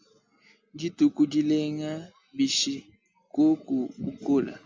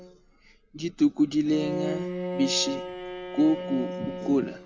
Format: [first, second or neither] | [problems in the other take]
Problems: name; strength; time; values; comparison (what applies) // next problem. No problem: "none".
first | background sound (Bowed string instrument); 7 dB below the speech